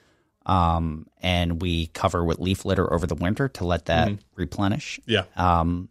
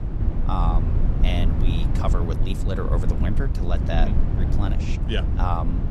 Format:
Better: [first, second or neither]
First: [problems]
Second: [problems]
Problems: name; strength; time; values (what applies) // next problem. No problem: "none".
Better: first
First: none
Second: low rumble; loud; throughout; 5 dB below the speech